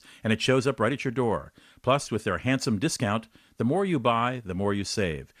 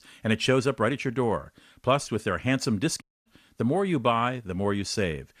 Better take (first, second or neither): first